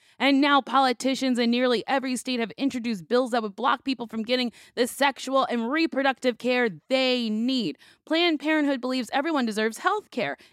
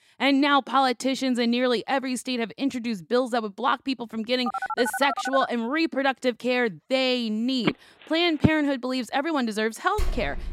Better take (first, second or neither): first